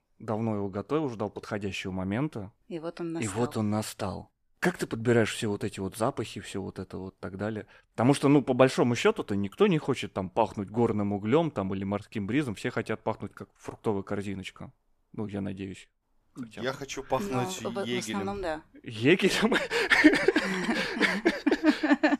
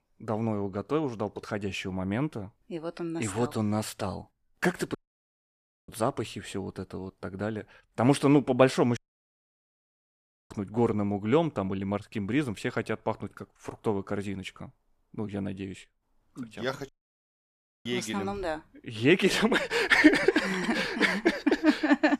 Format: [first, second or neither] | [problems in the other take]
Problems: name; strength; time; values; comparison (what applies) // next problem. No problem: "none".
first | audio cutting out; at 5 s for 1 s, at 9 s for 1.5 s and at 17 s for 1 s